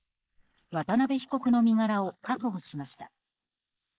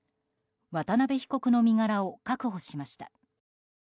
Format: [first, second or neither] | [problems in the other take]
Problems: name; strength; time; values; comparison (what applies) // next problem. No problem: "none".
second | noise reduction (neural mask model Resemble Enhance denoiser)